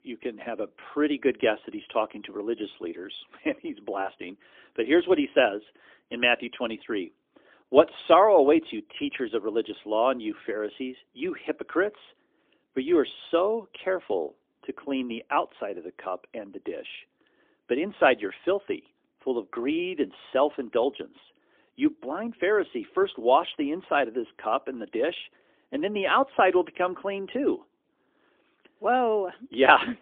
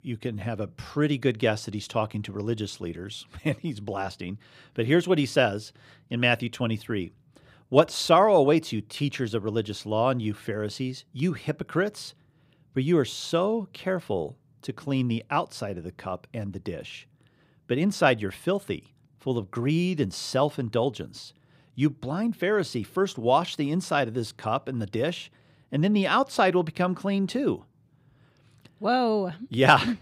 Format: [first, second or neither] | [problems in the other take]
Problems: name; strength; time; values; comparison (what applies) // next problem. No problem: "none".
second | phone-call audio; poor line; nothing above 3.5 kHz